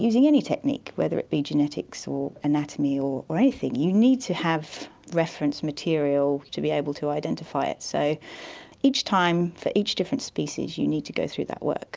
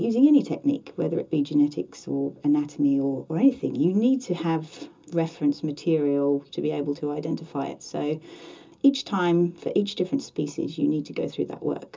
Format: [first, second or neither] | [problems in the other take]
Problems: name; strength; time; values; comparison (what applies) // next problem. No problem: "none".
first | room echo; dies away in 0.2 s